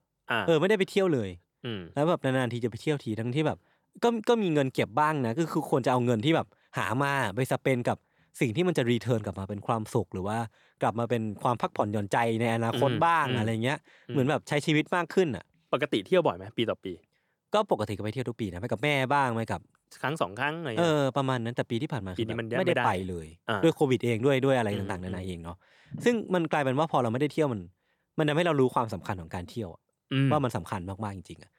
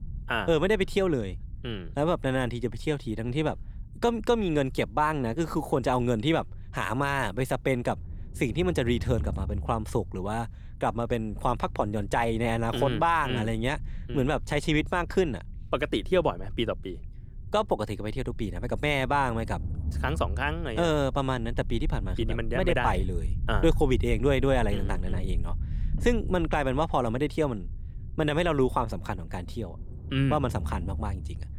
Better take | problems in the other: first | low rumble; faint; throughout; 25 dB below the speech

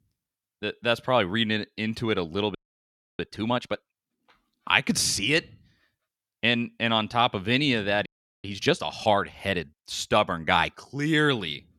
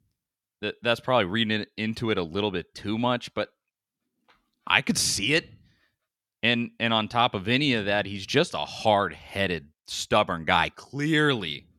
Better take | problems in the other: second | audio freezing; at 2.5 s for 0.5 s and at 8 s

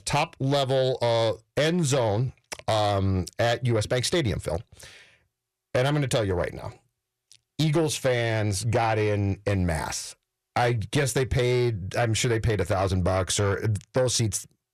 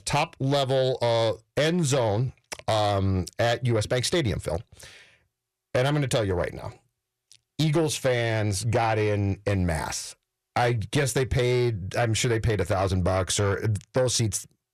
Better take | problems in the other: neither | distortion; slight; 10 dB below the speech; the same in both

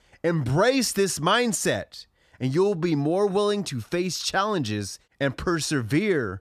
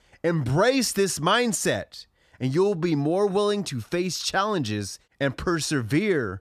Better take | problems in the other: neither | none

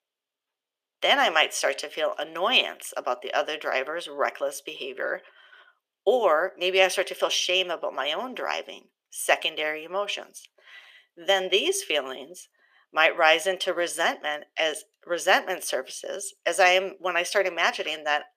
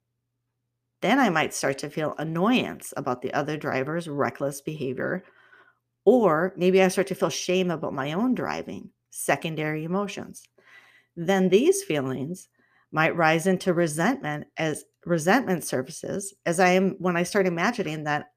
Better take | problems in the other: second | thin; very; fading below 450 Hz

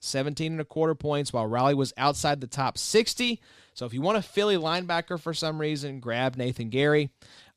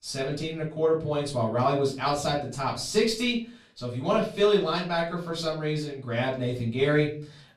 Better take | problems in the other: first | off-mic speech; far // room echo; slight; dies away in 0.4 s

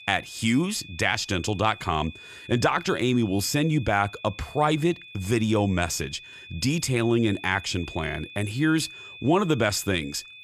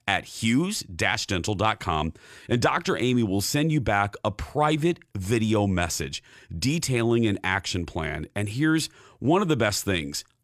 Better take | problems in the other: second | high-pitched whine; noticeable; throughout; 2.5 kHz, 15 dB below the speech

